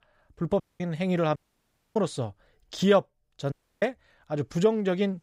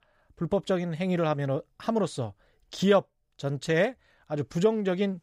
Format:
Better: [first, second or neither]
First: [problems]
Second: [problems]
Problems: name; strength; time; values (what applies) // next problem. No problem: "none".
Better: second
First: audio cutting out; at 0.5 s, at 1.5 s for 0.5 s and at 3.5 s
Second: none